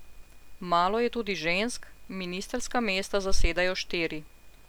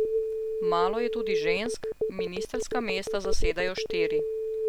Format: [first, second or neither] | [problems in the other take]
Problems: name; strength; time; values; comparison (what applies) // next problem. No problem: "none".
first | background sound (Telephone); 1 dB above the speech